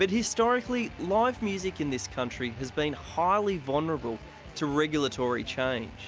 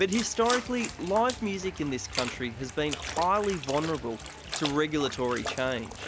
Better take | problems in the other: first | background sound (Trickle, dribble / Splash, splatter); 10 dB below the speech

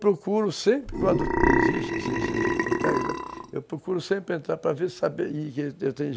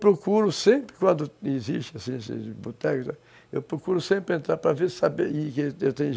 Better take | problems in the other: second | background sound (Burping, eructation); 2 dB above the speech

